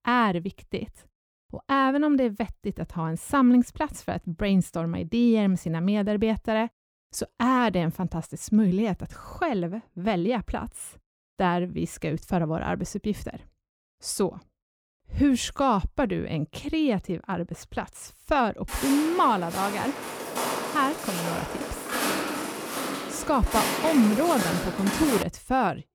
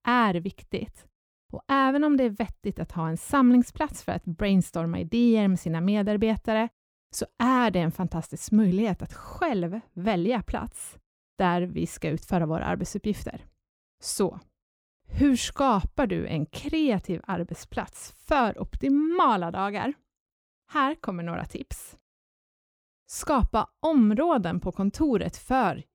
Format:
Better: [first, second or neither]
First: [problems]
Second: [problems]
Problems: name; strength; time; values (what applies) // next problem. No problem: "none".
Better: second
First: footsteps; loud; from 19 to 25 s; peak level with the speech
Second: none